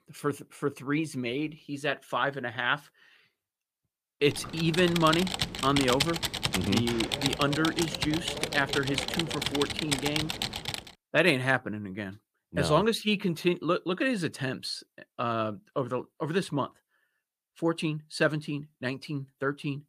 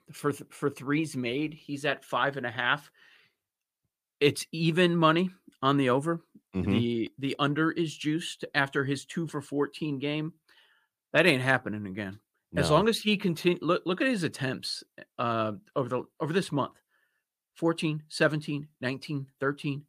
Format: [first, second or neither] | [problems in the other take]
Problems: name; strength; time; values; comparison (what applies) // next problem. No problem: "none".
second | keyboard typing; loud; from 4.5 to 11 s; peak 2 dB above the speech